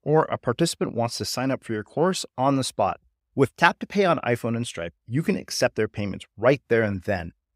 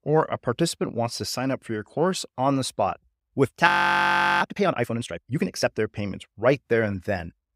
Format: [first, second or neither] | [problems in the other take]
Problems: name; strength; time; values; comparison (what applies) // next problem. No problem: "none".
first | audio freezing; at 3.5 s for 0.5 s